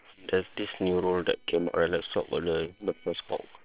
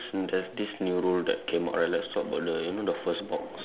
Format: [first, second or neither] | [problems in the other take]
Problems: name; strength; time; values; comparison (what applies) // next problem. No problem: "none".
second | noise reduction (neural separator model SepFormer WHAM!)